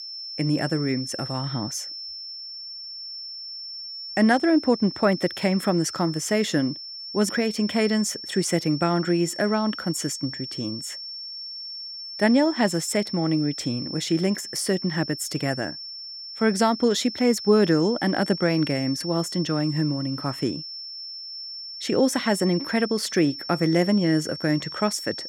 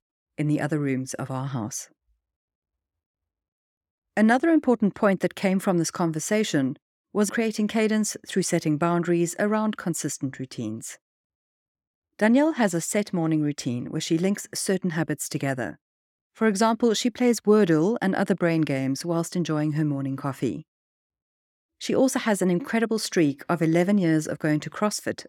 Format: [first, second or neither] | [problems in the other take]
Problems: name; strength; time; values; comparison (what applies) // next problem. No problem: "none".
second | high-pitched whine; loud; throughout; 5.5 kHz, 9 dB below the speech